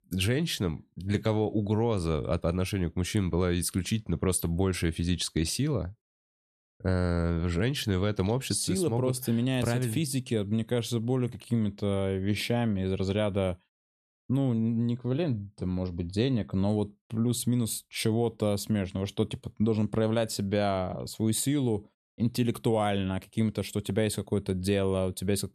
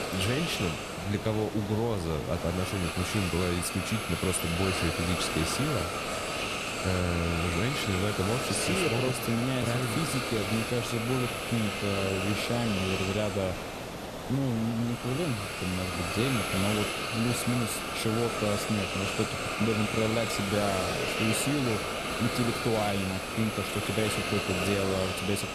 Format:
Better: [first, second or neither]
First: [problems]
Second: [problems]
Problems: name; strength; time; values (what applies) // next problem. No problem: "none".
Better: first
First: none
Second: hiss; loud; throughout; 1 dB below the speech